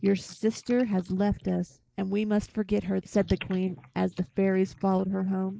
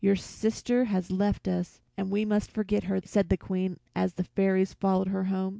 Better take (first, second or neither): second